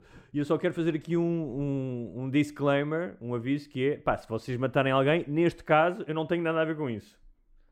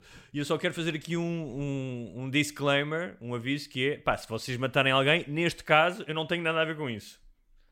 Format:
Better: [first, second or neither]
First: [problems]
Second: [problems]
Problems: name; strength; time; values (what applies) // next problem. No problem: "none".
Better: second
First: muffled; slightly; fading above 2 kHz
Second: none